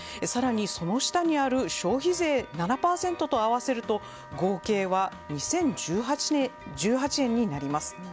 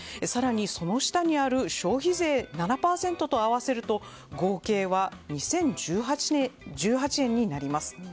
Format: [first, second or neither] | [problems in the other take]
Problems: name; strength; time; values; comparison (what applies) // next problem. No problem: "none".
second | background sound (Wind instrument, woodwind instrument); 19 dB below the speech